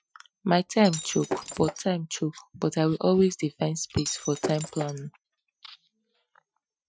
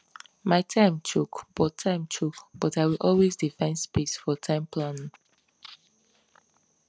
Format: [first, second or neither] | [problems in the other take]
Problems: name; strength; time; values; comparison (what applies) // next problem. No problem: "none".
second | noise reduction (classical method Wiener filter)